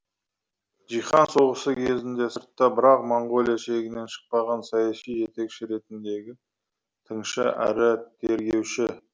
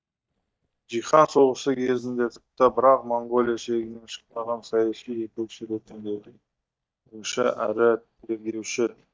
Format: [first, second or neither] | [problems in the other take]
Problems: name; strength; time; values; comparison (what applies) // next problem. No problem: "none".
first | noise reduction (neural mask model DeepFilterNet 3)